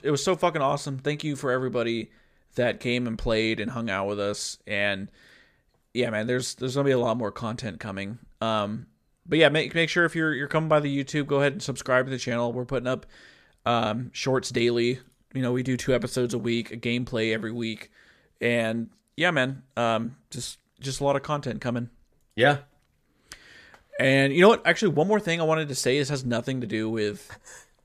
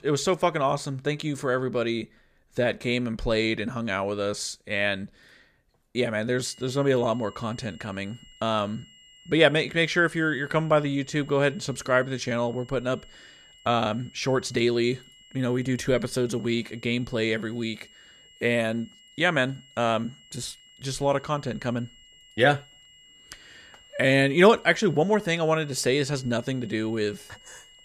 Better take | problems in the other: first | high-pitched whine; faint; from 6.5 s on; 3 kHz, 25 dB below the speech

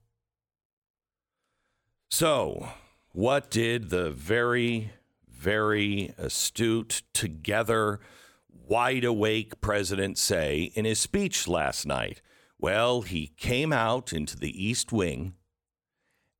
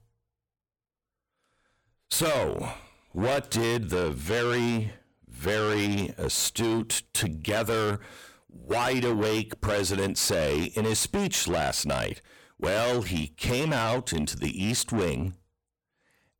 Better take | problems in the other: first | distortion; heavy; 6 dB below the speech

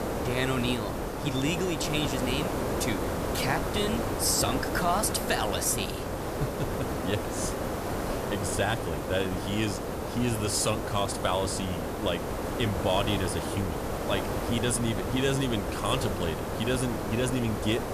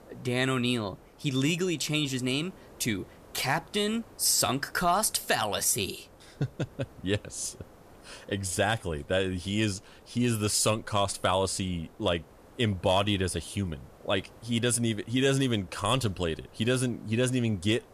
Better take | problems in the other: second | hiss; loud; throughout; 2 dB below the speech; faint in the second

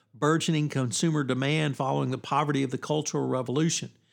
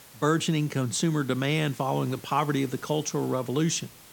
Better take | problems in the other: first | hiss; faint; throughout; 20 dB below the speech

